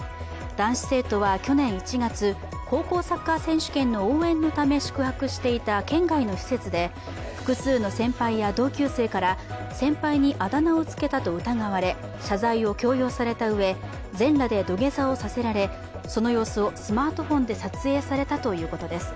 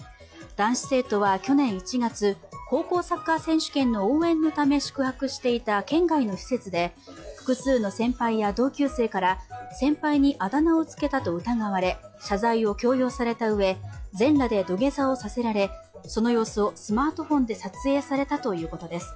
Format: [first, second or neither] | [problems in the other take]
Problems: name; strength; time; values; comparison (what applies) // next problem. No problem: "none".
first | noise reduction (classical method log-MMSE)